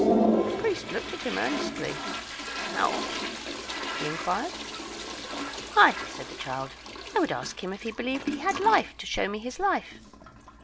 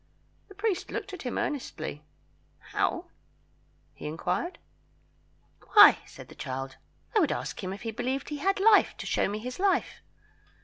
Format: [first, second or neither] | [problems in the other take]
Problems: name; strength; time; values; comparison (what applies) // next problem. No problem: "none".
second | background sound (Toilet flush); 2 dB below the speech